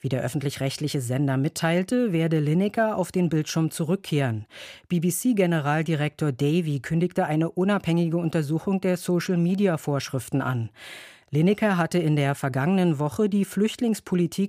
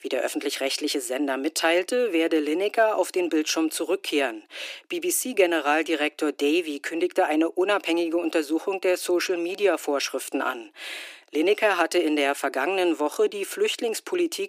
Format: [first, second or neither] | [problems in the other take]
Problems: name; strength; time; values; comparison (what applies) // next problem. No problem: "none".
first | thin; very; fading below 300 Hz